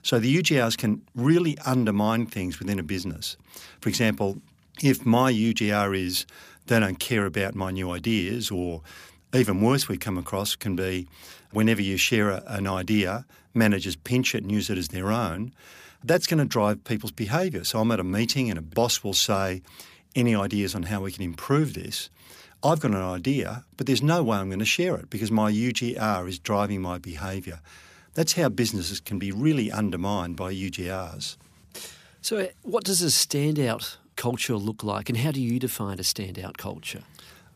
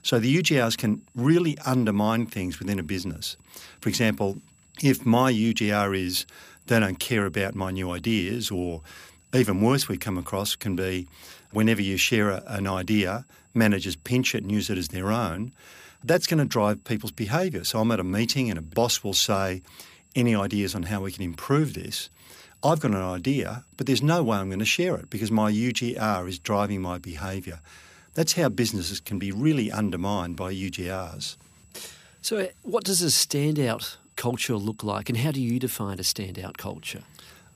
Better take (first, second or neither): first